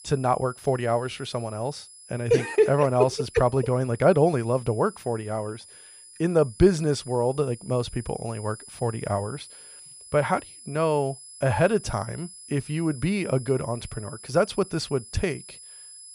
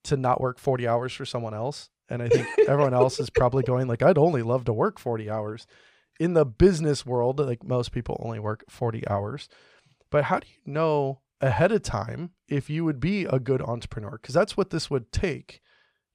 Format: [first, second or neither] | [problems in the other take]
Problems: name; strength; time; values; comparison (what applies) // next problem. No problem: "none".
second | high-pitched whine; noticeable; throughout; 10.5 kHz, 20 dB below the speech